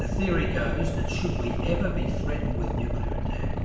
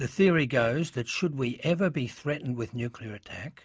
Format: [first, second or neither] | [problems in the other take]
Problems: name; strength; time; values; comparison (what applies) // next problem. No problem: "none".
second | background sound (Boat, Water vehicle); 4 dB above the speech // room echo; dies away in 1.3 s